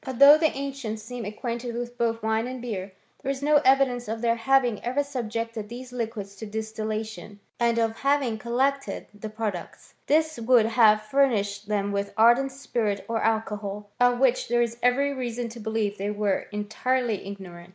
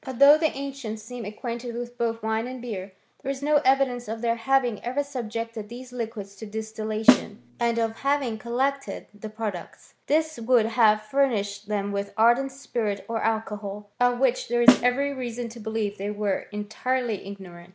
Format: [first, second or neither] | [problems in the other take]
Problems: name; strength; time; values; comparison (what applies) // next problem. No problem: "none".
first | background sound (Snare drum); as loud as the speech